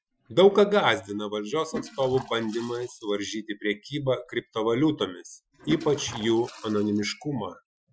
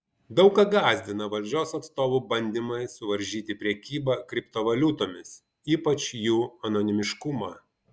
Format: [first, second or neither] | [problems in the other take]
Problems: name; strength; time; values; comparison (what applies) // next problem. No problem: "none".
second | noise reduction (classical method Wiener filter)